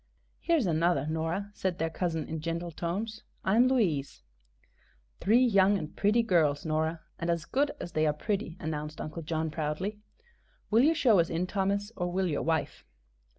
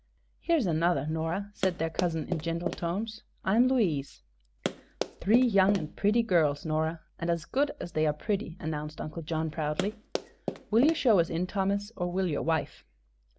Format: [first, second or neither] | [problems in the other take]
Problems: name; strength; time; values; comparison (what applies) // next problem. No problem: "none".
first | background sound (Run); 7 dB below the speech